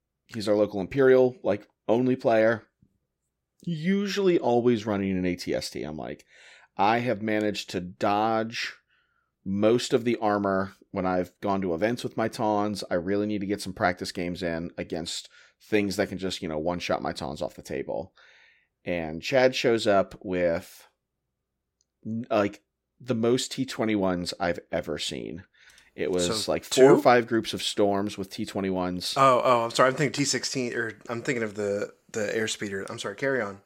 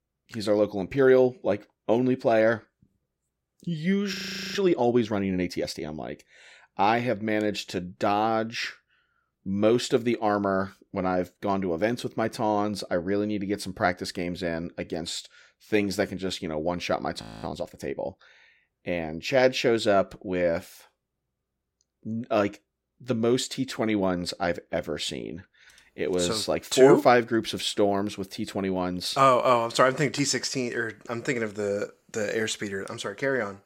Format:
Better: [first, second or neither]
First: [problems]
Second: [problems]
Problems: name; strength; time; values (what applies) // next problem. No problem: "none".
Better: first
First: none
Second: audio freezing; at 4 s and at 17 s